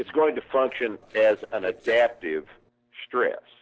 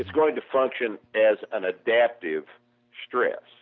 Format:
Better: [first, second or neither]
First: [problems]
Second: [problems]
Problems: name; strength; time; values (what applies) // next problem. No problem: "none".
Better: second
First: noise reduction (neural separator model SepFormer DNS4)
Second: none